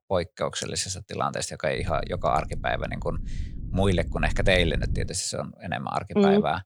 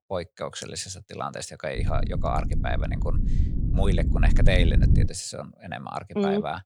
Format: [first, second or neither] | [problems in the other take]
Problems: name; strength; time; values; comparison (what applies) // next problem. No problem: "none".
first | low rumble; loud; from 2 to 5 s; 8 dB below the speech; faint in the first